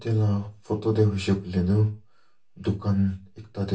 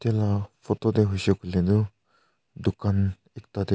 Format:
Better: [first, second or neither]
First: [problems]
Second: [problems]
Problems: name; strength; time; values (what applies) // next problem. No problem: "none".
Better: second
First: room echo; dies away in 0.2 s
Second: none